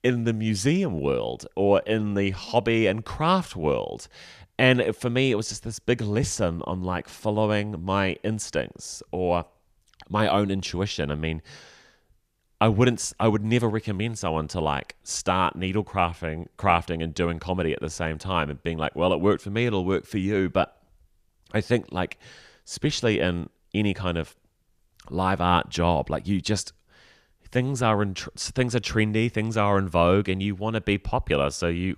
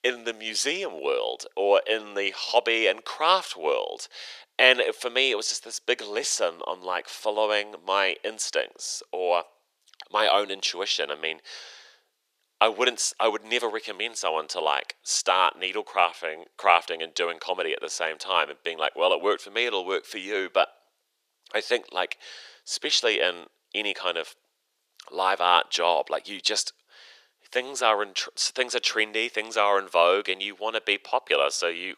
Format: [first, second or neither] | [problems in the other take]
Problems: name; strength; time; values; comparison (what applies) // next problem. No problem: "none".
first | thin; very; fading below 450 Hz